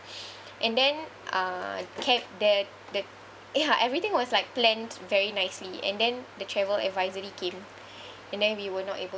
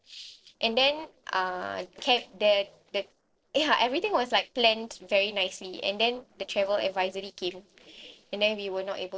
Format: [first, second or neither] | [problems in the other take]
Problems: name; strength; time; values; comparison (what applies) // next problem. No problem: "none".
first | noise reduction (neural separator model SepFormer DNS4)